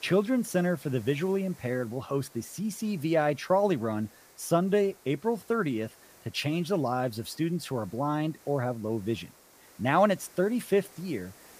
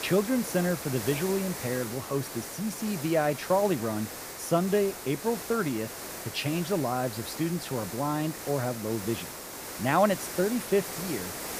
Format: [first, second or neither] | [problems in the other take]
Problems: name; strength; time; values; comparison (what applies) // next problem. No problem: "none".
first | hiss; loud; throughout; 8 dB below the speech; faint in the first